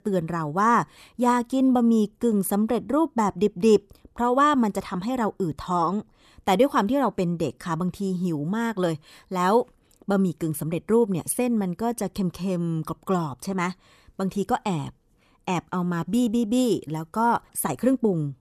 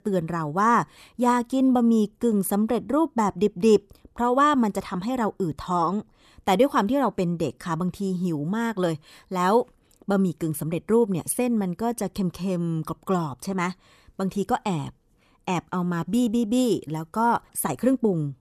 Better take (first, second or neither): neither